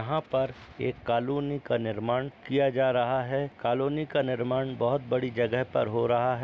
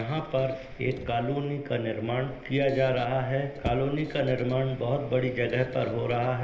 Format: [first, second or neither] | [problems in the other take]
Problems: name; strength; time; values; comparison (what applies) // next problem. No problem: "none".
first | background sound (Squeak); 15 dB below the speech // room echo; dies away in 0.8 s